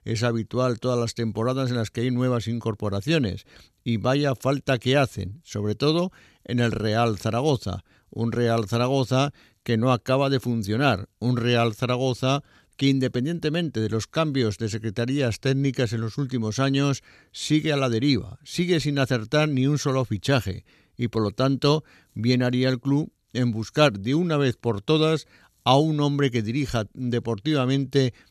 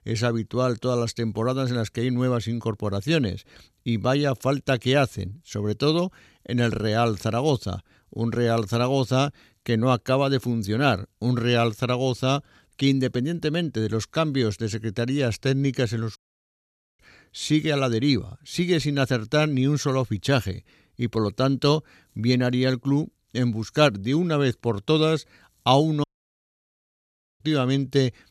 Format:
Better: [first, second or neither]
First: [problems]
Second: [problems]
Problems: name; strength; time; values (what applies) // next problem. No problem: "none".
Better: first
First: none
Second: audio cutting out; at 16 s for 1 s and at 26 s for 1.5 s